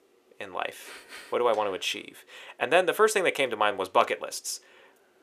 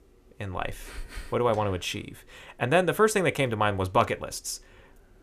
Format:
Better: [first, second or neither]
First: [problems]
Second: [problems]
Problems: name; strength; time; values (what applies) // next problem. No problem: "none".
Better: second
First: thin; somewhat; fading below 450 Hz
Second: none